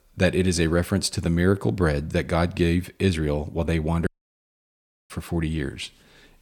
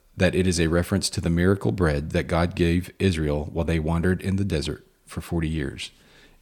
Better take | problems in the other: second | audio cutting out; at 4 s for 1 s

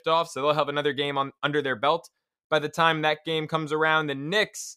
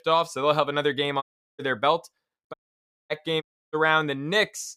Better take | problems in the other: first | audio cutting out; at 1 s, at 2.5 s for 0.5 s and at 3.5 s

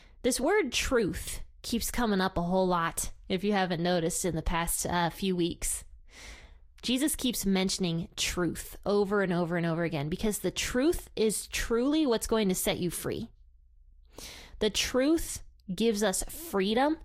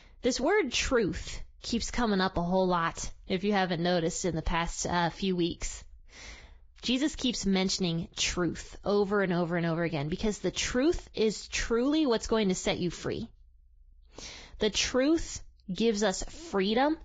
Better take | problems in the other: first | garbled, watery; badly; nothing above 7.5 kHz; slightly in the first

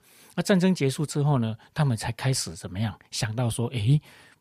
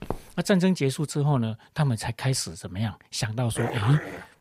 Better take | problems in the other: first | footsteps; faint; at the start; peak 10 dB below the speech // dog barking; noticeable; at 3.5 s; peak 5 dB below the speech

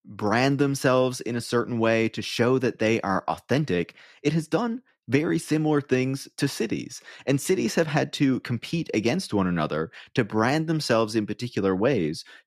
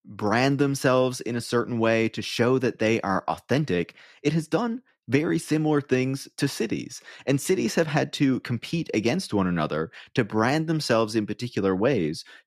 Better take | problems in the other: neither | none

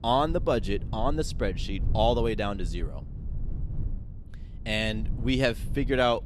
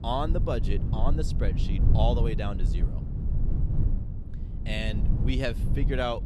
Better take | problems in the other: first | low rumble; loud; throughout; 9 dB below the speech; faint in the first

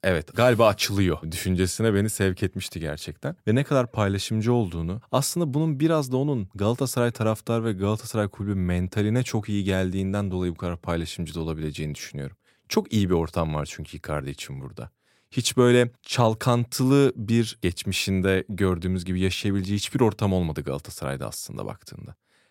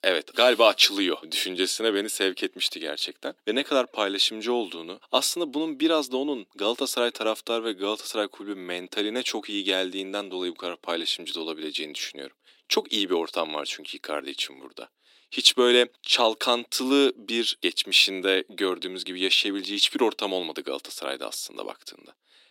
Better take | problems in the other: first | thin; somewhat; fading below 300 Hz

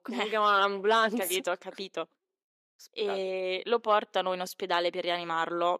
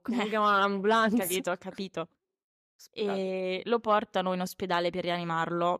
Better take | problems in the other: second | thin; somewhat; fading below 350 Hz

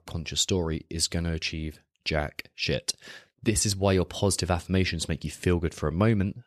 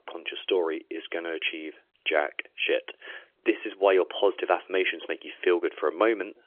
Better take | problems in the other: first | phone-call audio; nothing above 3.5 kHz

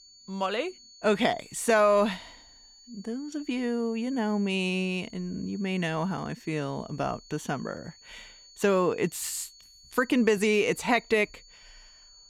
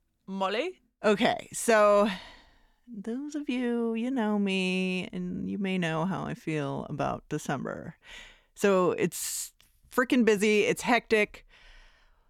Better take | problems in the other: second | high-pitched whine; faint; throughout; 4.5 kHz, 25 dB below the speech

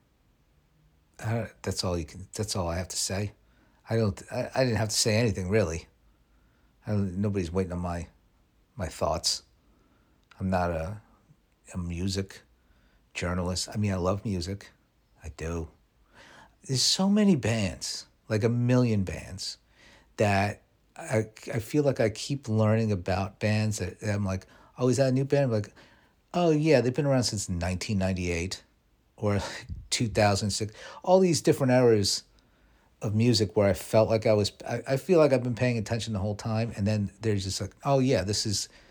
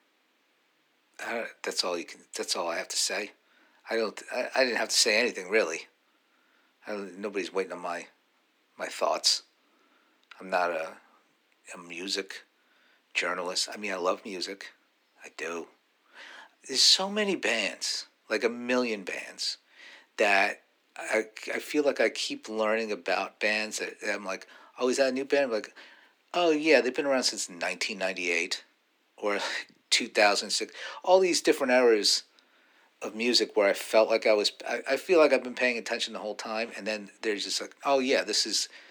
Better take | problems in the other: first | thin; somewhat; fading below 250 Hz

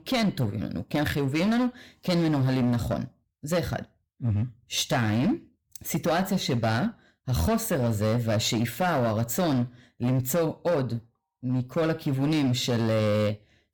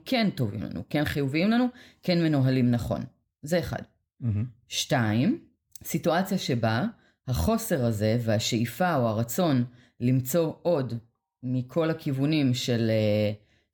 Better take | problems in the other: second | distortion; slight; 13% of the sound clipped

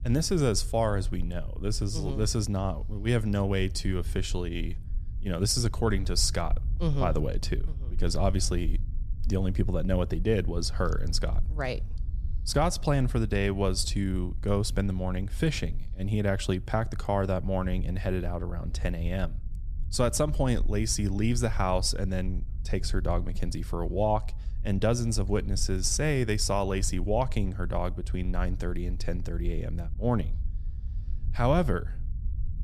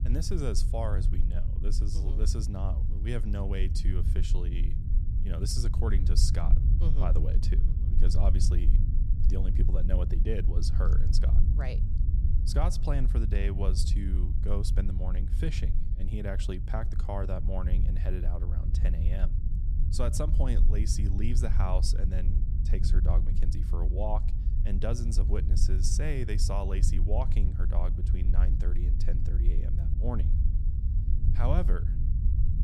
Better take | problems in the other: first | low rumble; loud; throughout; 7 dB below the speech; faint in the first

